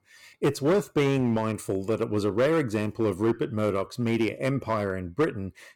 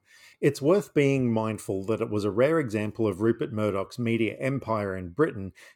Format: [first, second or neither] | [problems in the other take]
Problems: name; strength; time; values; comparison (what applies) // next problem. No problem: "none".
second | distortion; slight; 6% of the sound clipped